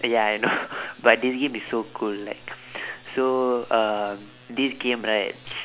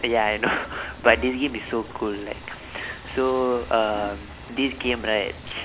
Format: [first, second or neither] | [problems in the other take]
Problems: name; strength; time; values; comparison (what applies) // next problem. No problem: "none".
first | background sound (Frying (food) / Dishes, pots, and pans); 14 dB below the speech